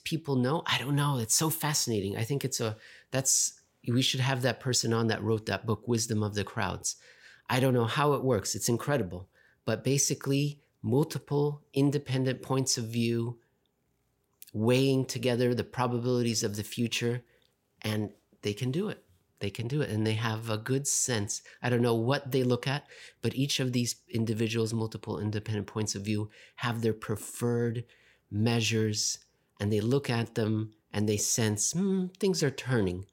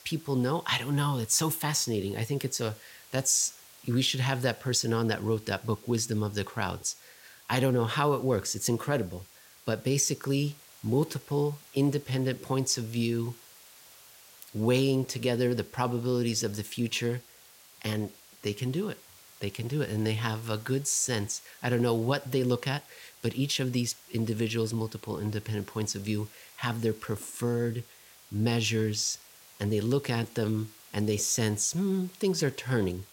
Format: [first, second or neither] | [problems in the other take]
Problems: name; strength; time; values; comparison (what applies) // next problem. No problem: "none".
first | hiss; faint; throughout; 20 dB below the speech